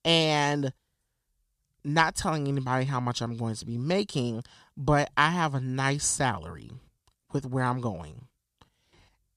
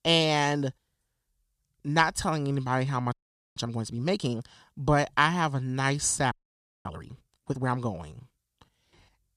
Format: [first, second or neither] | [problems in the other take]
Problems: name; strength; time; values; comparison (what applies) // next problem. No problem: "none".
first | audio freezing; at 3 s and at 6.5 s for 0.5 s